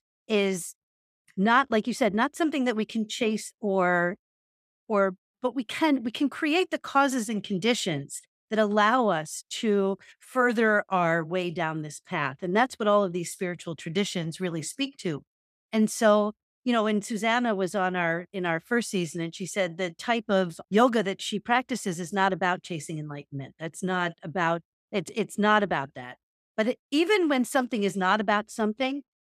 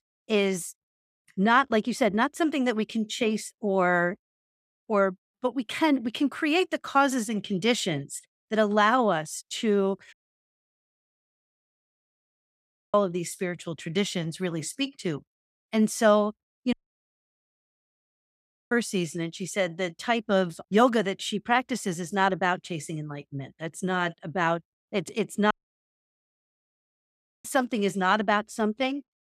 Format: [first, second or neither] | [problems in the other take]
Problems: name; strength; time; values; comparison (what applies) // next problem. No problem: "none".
first | audio cutting out; at 10 s for 3 s, at 17 s for 2 s and at 26 s for 2 s